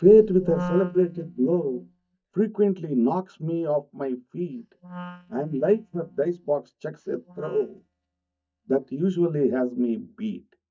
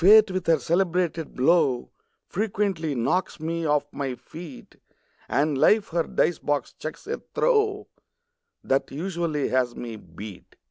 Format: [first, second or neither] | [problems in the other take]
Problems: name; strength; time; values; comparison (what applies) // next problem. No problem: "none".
second | noise reduction (neural mask model DeepFilterNet 3)